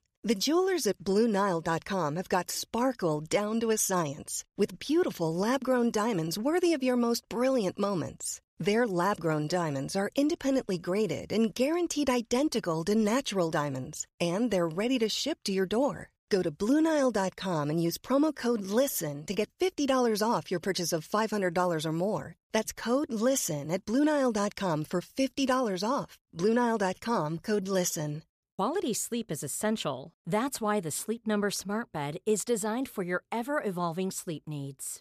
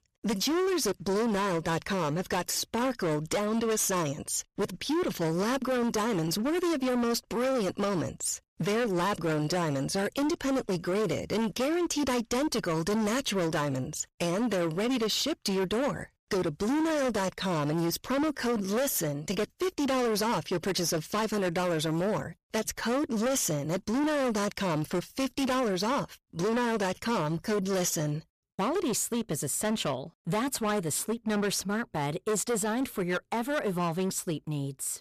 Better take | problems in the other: first | distortion; heavy; 24% of the sound clipped

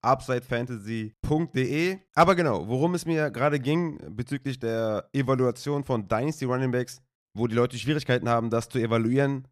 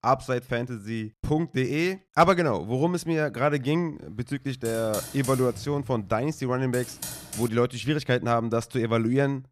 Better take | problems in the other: first | keyboard typing; noticeable; from 4.5 to 7.5 s; peak 8 dB below the speech

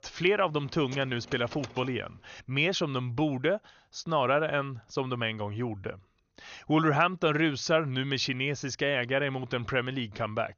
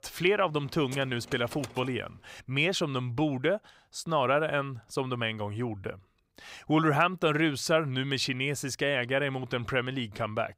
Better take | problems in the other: second | garbled, watery; slightly; nothing above 6.5 kHz

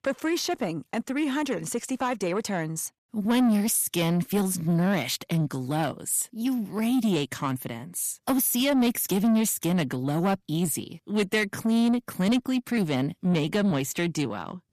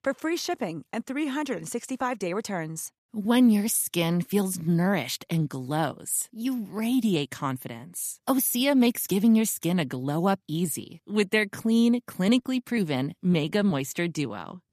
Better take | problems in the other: second | distortion; slight; 10 dB below the speech

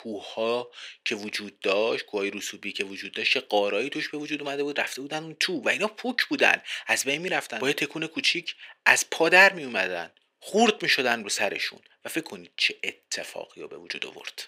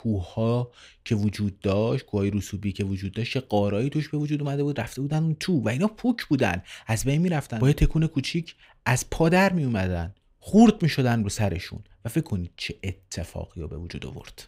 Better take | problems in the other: second | thin; very; fading below 350 Hz

